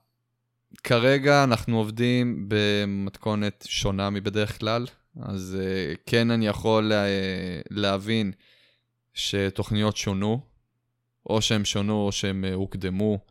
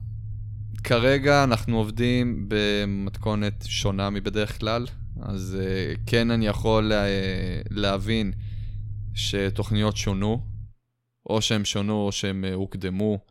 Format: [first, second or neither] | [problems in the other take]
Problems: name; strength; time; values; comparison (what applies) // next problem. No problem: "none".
first | low rumble; faint; until 11 s; 25 dB below the speech